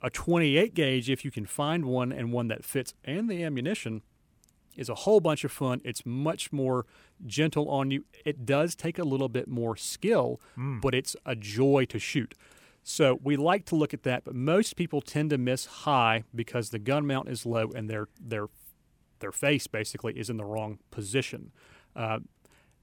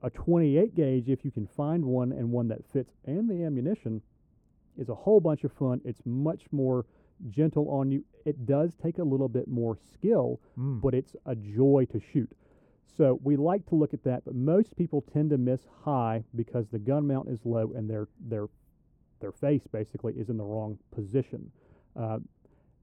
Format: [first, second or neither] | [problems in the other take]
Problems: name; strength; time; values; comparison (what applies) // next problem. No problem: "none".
first | muffled; very; fading above 1.5 kHz